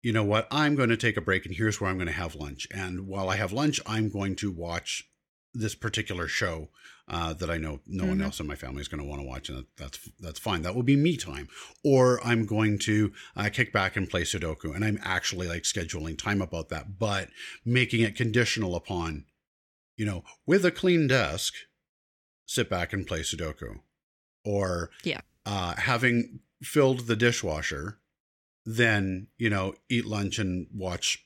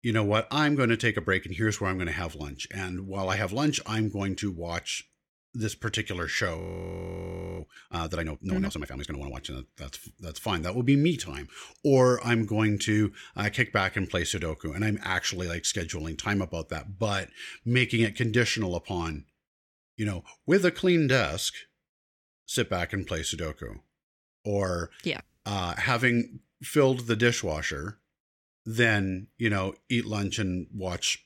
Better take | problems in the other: first | audio freezing; at 6.5 s for 1 s

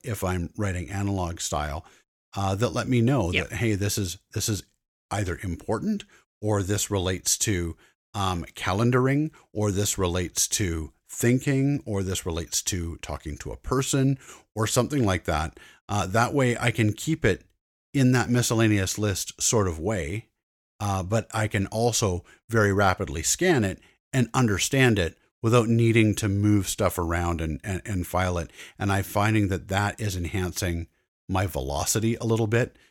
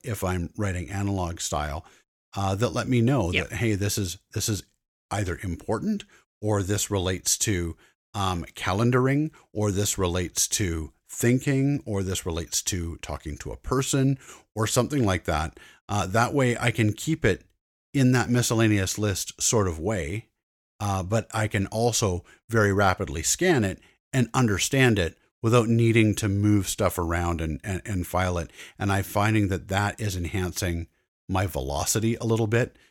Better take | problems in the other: neither | none

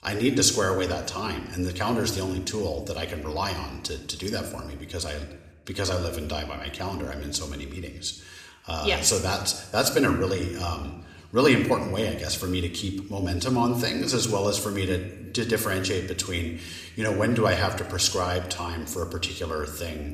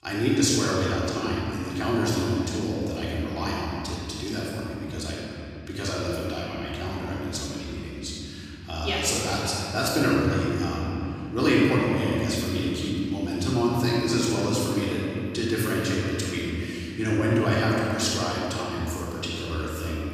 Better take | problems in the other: first | room echo; strong; dies away in 3 s; slight in the first // off-mic speech; far

